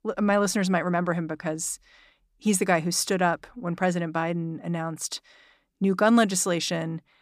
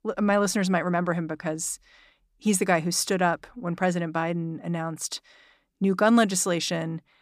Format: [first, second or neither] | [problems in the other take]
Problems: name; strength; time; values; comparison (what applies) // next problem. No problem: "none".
neither | none